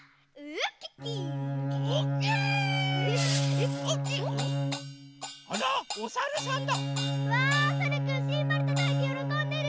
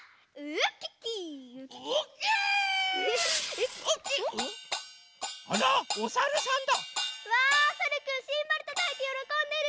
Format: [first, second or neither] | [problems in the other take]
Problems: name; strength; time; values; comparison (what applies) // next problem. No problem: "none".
second | background sound (Bowed string instrument); 3 dB above the speech